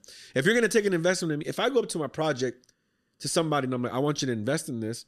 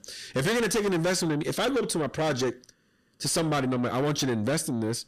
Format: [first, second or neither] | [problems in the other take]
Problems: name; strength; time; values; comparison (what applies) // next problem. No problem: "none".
first | distortion; heavy; 6 dB below the speech